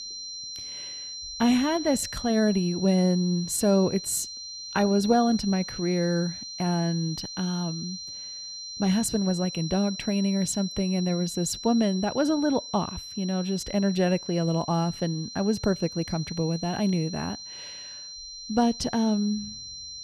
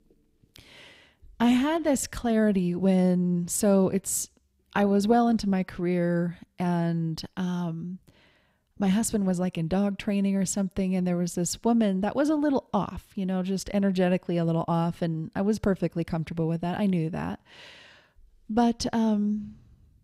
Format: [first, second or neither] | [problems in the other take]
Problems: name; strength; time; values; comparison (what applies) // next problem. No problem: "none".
second | high-pitched whine; loud; throughout; 4 kHz, 10 dB below the speech